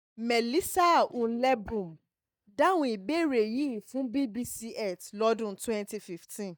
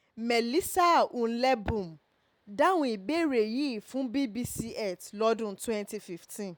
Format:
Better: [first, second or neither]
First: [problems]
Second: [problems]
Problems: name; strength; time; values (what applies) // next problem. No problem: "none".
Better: second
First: noise reduction (neural mask model DeepFilterNet 3)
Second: none